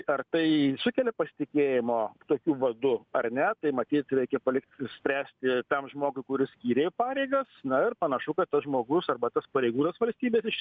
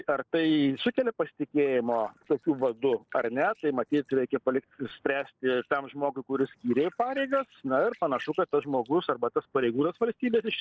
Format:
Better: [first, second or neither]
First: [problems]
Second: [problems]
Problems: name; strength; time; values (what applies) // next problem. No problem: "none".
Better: first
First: none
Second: noise reduction (neural separator model SepFormer DNS4)